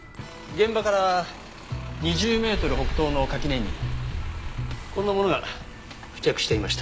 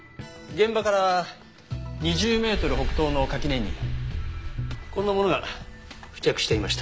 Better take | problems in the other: second | background sound (Bus); 17 dB below the speech

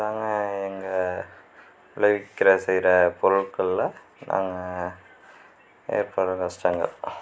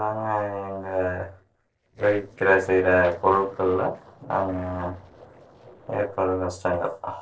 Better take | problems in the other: first | noise reduction (neural separator model SepFormer DNS4)

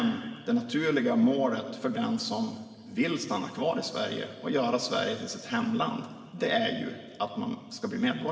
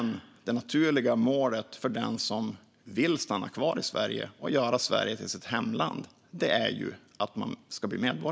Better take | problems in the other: second | room echo; dies away in 1.7 s

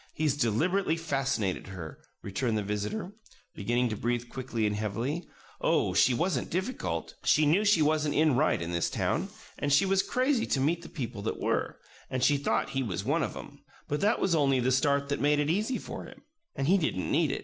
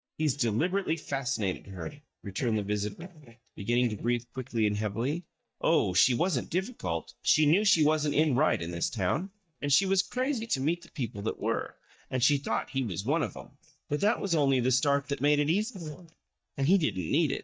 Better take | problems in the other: first | noise reduction (neural mask model DeepFilterNet 3)

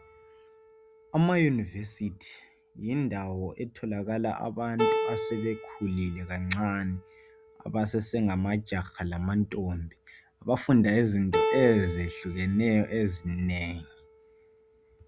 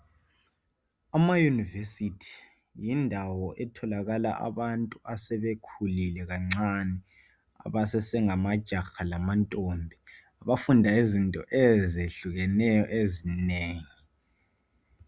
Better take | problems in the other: second | background sound (Keyboard (musical)); 8 dB below the speech

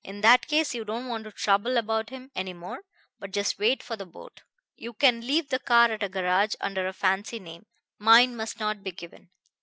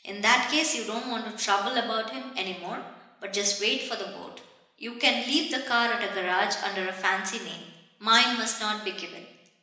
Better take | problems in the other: first | room echo; dies away in 1 s

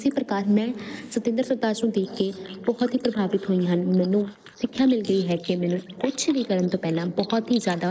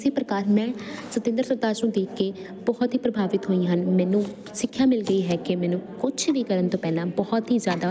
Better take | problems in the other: second | noise reduction (neural mask model Resemble Enhance denoiser)

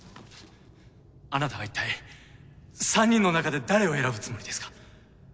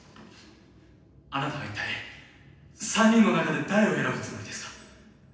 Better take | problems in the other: first | room echo; dies away in 0.9 s

